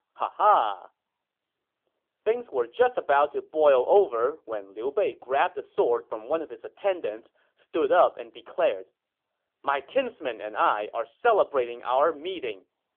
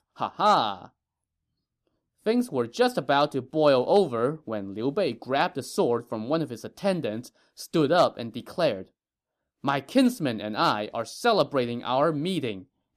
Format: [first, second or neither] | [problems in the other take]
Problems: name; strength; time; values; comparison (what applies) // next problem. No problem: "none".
second | phone-call audio; nothing above 3.5 kHz